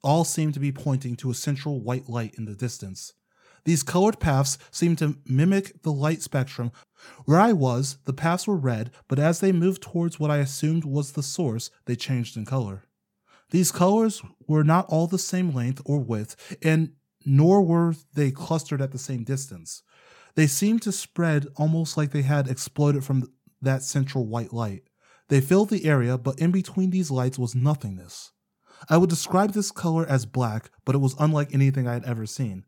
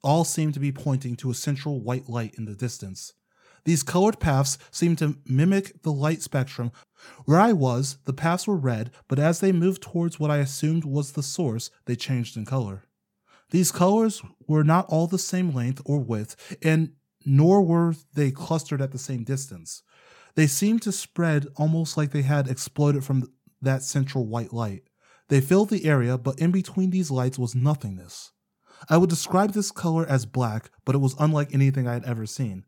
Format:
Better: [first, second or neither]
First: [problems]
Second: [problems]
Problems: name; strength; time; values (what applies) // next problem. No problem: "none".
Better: neither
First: none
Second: none